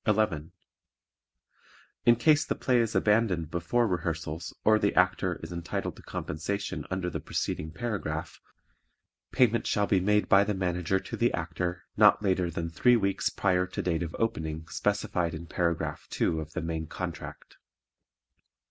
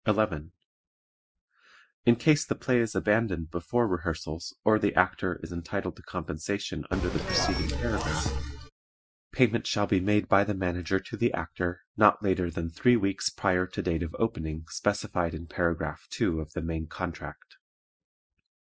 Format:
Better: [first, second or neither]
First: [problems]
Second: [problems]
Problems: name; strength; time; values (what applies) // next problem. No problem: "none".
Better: first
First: none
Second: noise reduction (classical method Wiener filter)